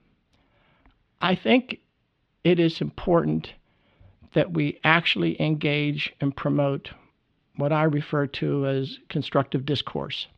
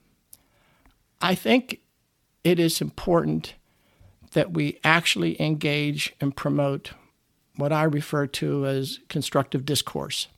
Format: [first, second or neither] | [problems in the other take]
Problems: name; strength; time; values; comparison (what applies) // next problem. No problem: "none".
second | muffled; slightly; fading above 3.5 kHz